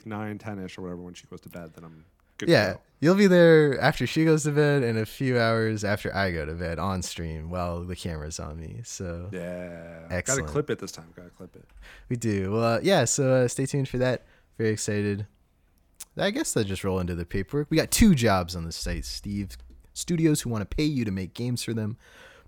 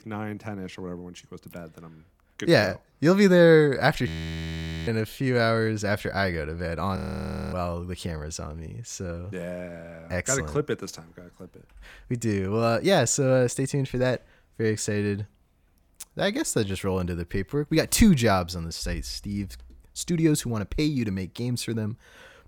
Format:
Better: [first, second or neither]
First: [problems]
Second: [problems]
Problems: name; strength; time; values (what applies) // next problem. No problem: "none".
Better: first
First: none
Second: audio freezing; at 4 s for 1 s and at 7 s for 0.5 s